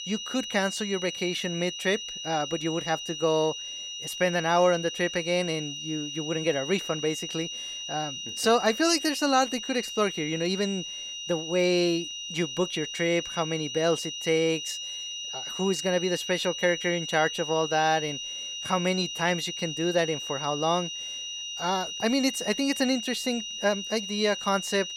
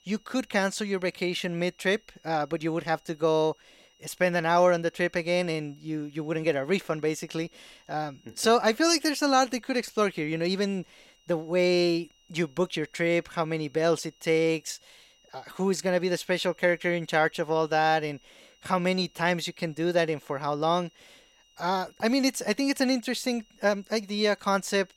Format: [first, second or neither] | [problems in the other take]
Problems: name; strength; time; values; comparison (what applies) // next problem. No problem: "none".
second | high-pitched whine; loud; throughout; 3 kHz, 6 dB below the speech; faint in the second